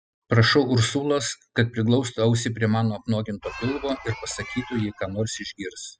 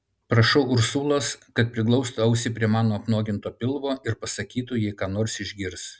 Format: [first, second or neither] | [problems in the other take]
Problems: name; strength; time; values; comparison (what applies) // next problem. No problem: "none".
second | noise reduction (classical method spectral subtraction)